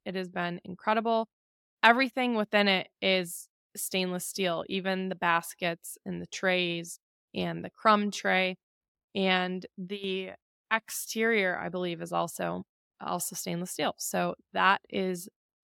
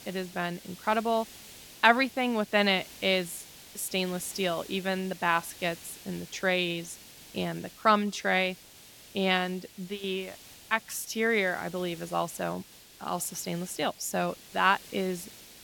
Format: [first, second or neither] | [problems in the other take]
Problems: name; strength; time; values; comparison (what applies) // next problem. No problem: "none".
first | hiss; noticeable; throughout; 20 dB below the speech